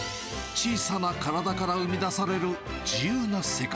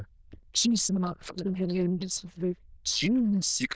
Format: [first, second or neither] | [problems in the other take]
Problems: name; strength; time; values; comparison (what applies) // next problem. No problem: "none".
first | noise reduction (neural diffusion model UNIVERSE++)